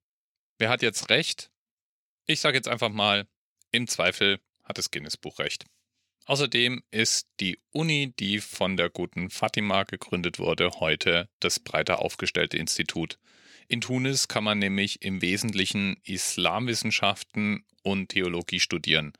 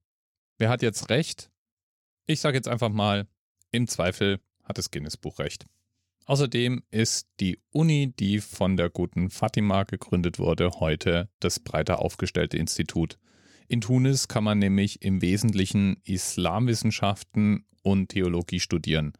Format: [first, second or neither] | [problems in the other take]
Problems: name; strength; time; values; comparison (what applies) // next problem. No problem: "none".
second | thin; very slightly; fading below 350 Hz